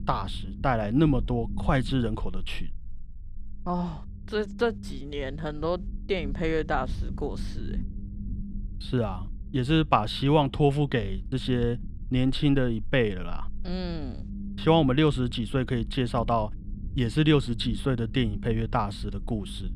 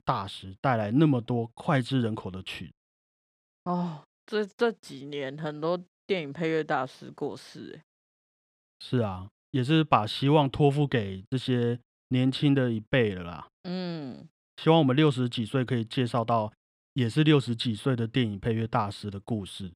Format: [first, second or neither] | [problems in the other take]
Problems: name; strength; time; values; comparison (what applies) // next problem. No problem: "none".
second | low rumble; faint; throughout; 20 dB below the speech